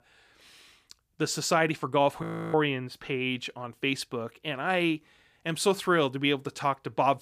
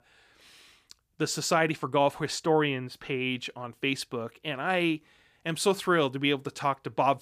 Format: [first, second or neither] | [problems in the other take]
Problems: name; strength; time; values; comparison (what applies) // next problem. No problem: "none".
second | audio freezing; at 2 s